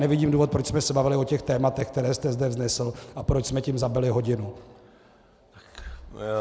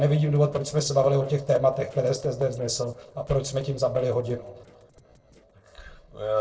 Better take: first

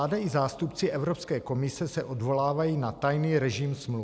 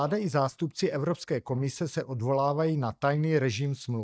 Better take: first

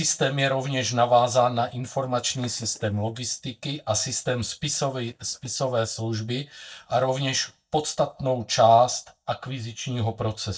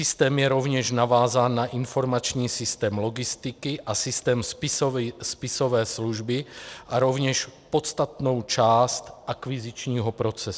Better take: second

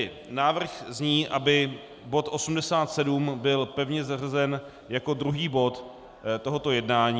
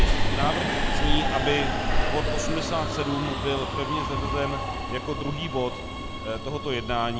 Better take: first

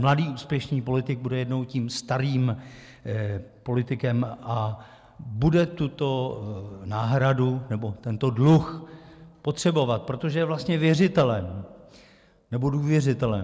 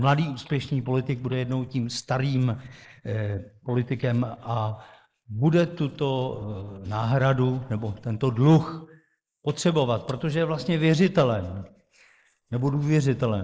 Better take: first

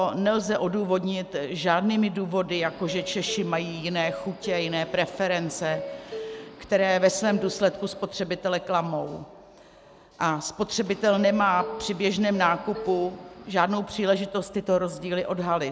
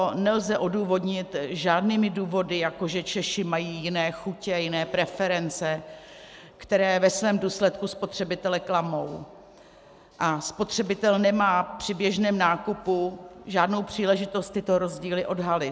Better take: second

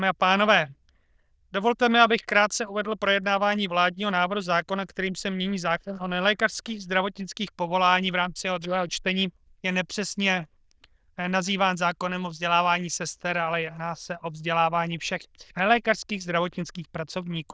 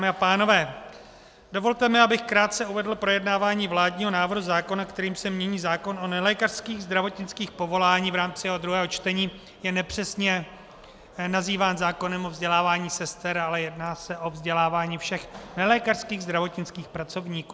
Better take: second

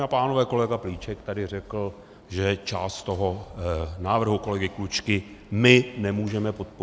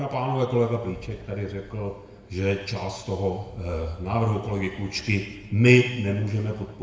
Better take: first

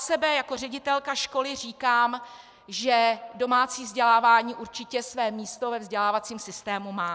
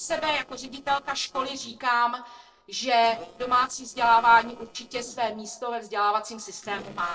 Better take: first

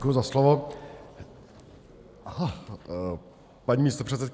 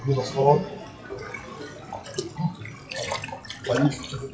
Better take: first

